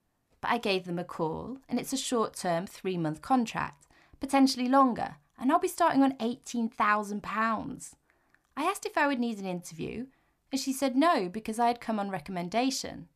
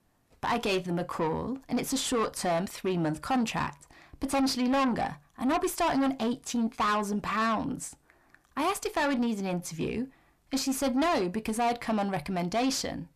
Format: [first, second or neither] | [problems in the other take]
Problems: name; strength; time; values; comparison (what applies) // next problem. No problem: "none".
first | distortion; heavy; 6 dB below the speech